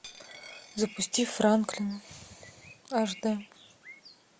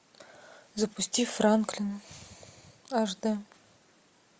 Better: second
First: background sound (Coin (dropping) + Bird); 20 dB below the speech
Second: none

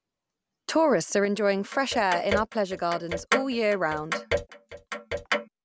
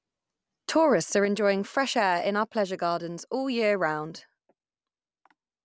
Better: second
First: background sound (Clock); 4 dB below the speech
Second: none

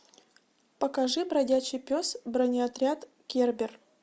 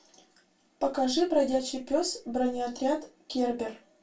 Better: first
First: none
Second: room echo; dies away in 0.2 s

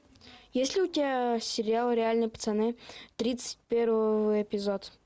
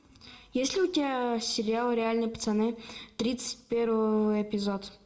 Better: first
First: none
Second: room echo; dies away in 0.4 s

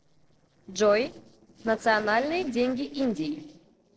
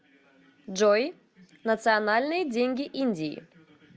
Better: second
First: noise reduction (neural separator model SepFormer DNS4)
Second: none

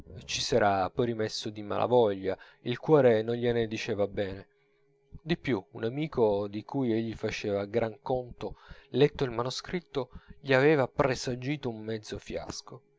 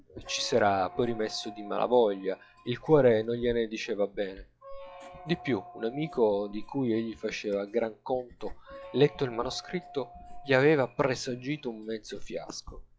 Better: first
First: none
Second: noise reduction (classical method log-MMSE)

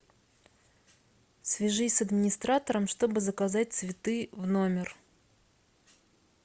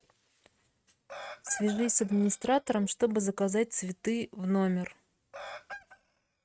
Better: first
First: none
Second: noise reduction (neural mask model RNNoise)

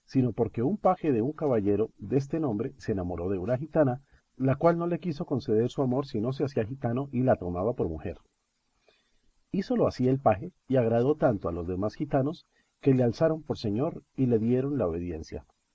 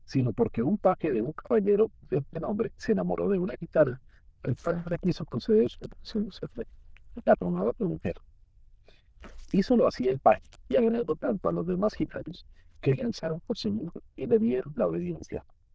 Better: first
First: none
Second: noise reduction (neural diffusion model UNIVERSE++)

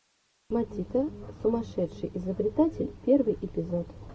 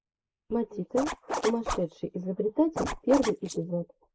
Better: first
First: none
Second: noise reduction (neural mask model Resemble Enhance denoiser)

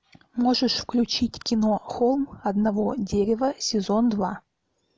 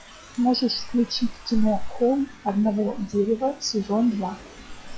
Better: first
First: none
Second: noise reduction (classical method log-MMSE)

